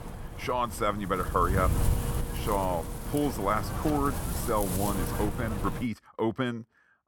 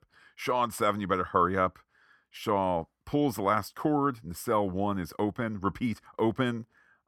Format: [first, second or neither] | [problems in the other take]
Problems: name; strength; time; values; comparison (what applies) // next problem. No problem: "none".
second | wind noise on the microphone; heavy; until 6 s; 9 dB below the speech